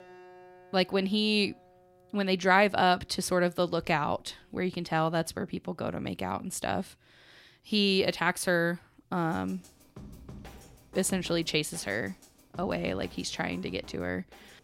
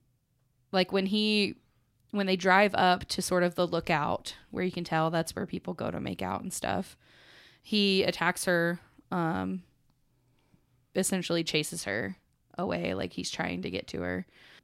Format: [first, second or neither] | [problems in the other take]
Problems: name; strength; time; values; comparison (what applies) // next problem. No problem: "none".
second | background music; faint; throughout; 25 dB below the speech